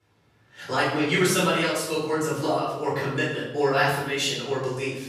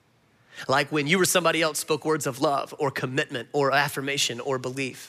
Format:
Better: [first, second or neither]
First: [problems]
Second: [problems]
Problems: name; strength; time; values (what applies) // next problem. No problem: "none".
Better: second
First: off-mic speech; far // room echo; noticeable; dies away in 0.8 s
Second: none